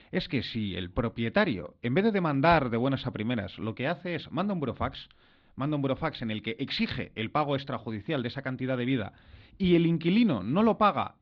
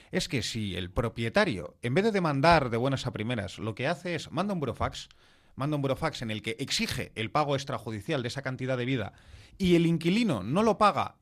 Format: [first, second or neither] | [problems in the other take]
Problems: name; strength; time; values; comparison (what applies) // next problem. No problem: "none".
second | muffled; very slightly; fading above 4 kHz